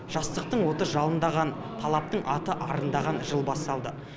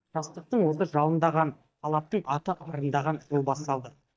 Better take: first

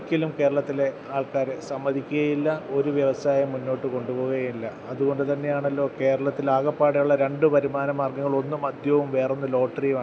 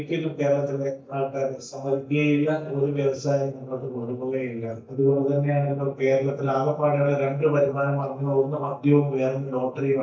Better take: first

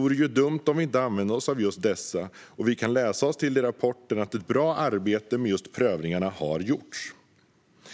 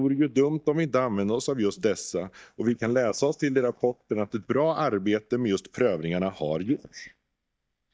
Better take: first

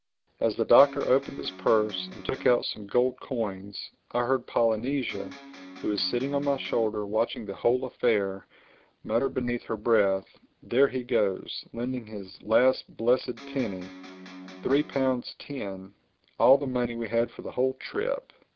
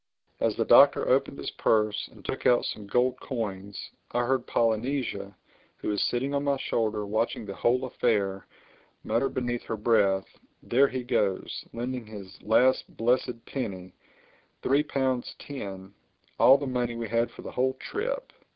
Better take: second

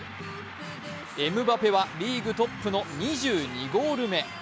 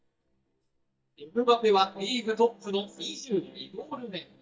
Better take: first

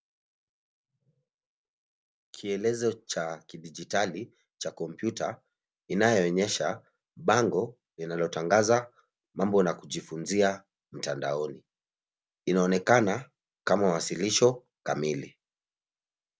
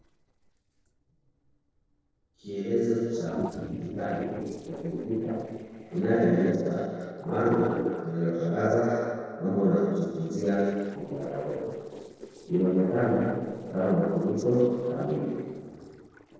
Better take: first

